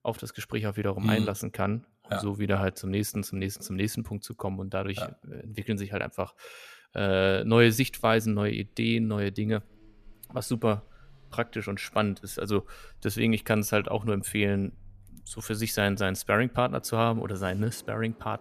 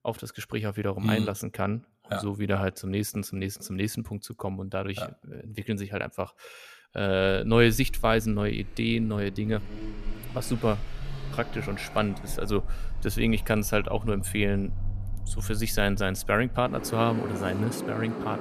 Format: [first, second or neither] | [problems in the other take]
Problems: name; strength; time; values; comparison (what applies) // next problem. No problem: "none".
first | traffic noise; loud; from 7.5 s on; 10 dB below the speech; faint in the first